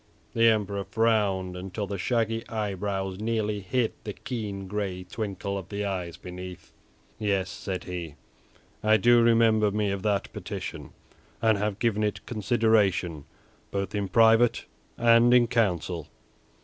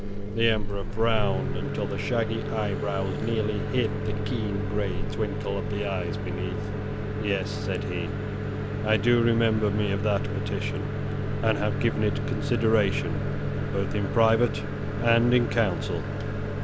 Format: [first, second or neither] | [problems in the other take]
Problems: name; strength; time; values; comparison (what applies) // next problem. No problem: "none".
first | background sound (Microwave oven); as loud as the speech